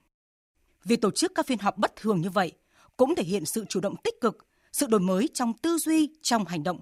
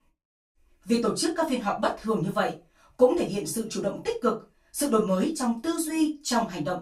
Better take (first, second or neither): first